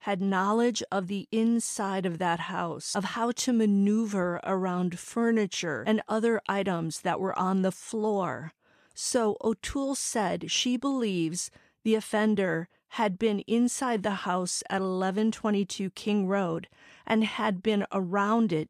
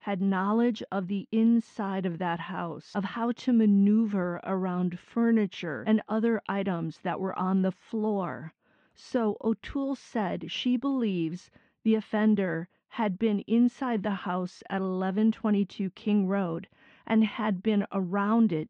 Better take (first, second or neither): first